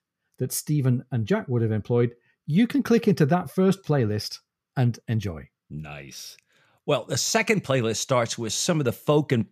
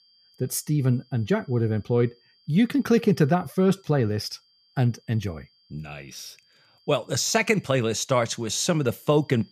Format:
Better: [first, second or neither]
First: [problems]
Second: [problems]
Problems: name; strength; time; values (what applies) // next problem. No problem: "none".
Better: first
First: none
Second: high-pitched whine; faint; throughout; 4.5 kHz, 35 dB below the speech